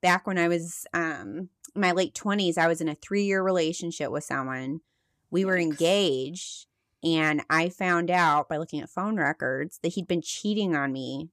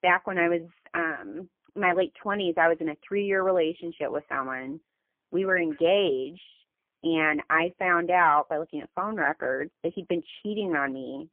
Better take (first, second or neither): first